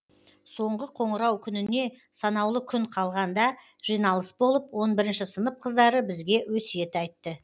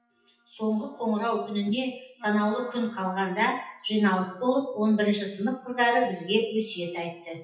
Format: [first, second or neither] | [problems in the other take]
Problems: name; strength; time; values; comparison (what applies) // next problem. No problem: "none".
first | noise reduction (classical method WPE with log-MMSE)